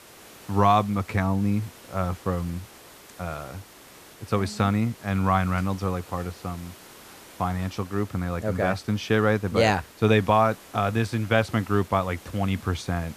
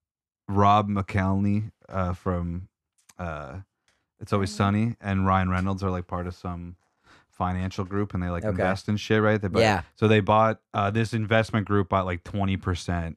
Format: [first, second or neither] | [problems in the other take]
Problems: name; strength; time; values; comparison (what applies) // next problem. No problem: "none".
second | hiss; faint; throughout; 20 dB below the speech